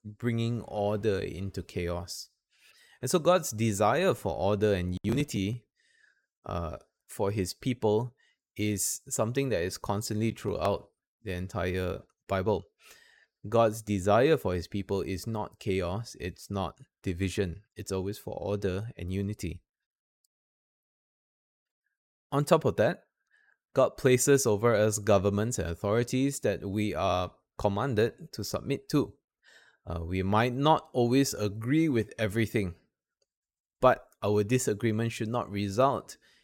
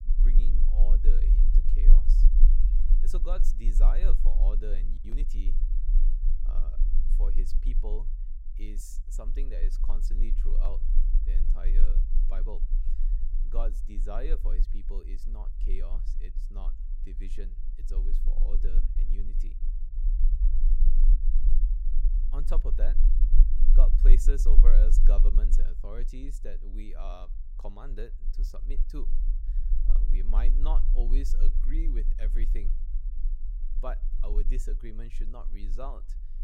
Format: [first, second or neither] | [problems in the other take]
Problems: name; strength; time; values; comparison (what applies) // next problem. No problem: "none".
first | low rumble; loud; throughout; 9 dB below the speech